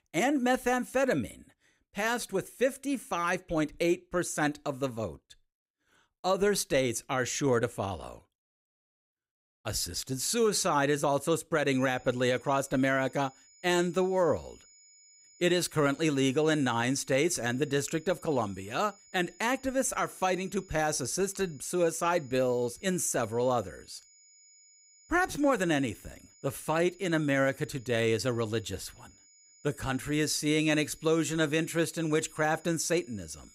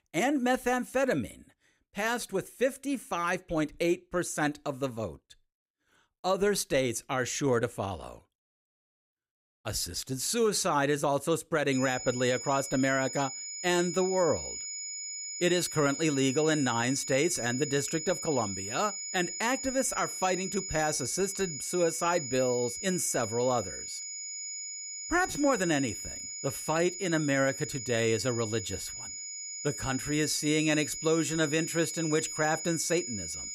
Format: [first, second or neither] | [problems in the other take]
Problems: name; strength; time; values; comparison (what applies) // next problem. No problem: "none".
first | high-pitched whine; loud; from 12 s on; 7 kHz, 6 dB below the speech; faint in the first